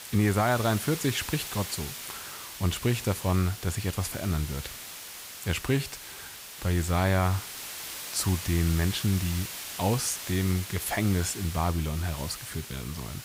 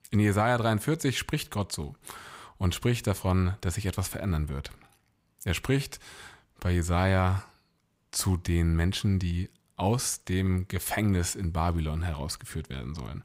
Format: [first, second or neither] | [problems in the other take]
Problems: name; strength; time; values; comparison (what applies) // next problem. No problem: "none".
second | hiss; loud; throughout; 9 dB below the speech